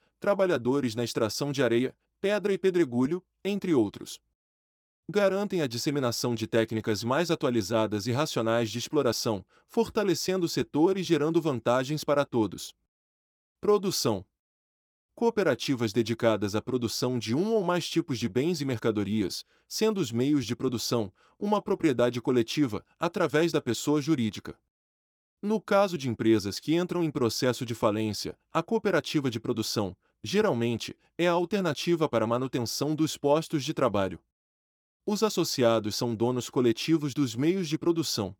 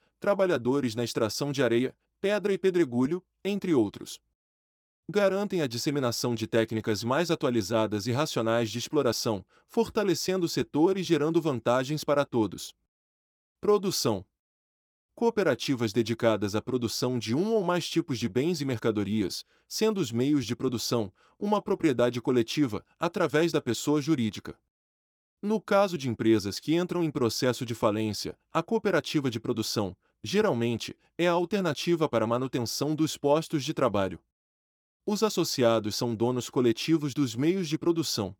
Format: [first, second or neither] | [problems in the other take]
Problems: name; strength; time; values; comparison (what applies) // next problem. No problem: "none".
neither | none